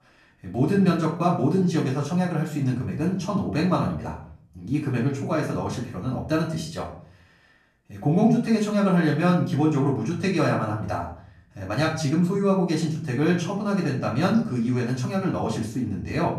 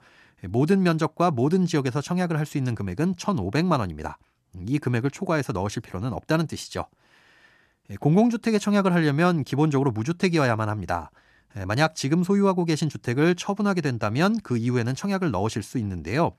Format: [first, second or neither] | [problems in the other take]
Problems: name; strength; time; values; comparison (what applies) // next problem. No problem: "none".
second | room echo; slight; dies away in 0.5 s // off-mic speech; far